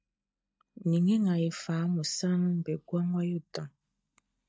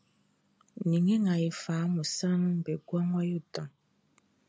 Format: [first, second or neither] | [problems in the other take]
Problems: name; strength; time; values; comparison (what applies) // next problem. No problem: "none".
second | noise reduction (neural mask model DeepFilterNet 3)